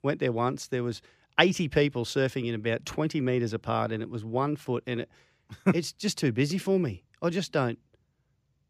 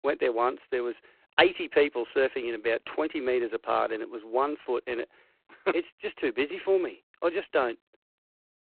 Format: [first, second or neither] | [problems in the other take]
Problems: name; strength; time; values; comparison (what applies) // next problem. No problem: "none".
first | phone-call audio; poor line